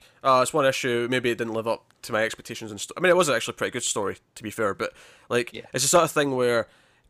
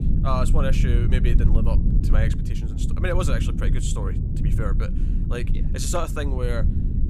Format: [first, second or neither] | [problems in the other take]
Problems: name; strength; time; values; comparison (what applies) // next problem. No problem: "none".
first | low rumble; loud; throughout; 6 dB below the speech